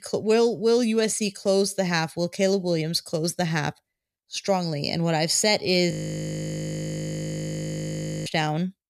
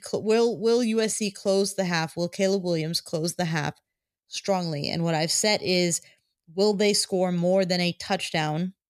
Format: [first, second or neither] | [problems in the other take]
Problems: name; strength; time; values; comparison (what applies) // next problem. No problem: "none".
second | audio freezing; at 6 s for 2.5 s